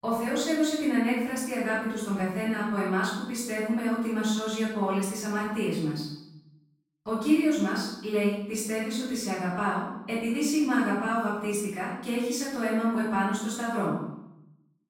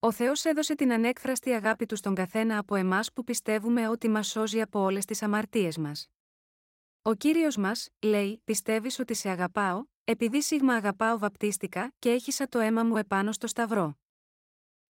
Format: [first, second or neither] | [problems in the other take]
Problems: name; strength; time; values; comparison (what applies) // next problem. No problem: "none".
second | off-mic speech; far // room echo; noticeable; dies away in 0.7 s